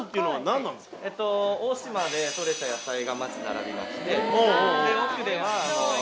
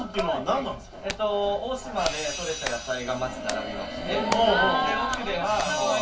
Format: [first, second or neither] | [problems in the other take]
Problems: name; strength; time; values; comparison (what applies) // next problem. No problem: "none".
first | background sound (Hands); 12 dB below the speech // room echo; dies away in 0.1 s